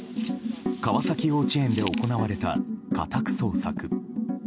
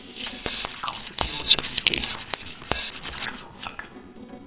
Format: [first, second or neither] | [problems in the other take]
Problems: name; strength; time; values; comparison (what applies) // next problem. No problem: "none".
first | noise reduction (neural separator model SepFormer WHAMR!)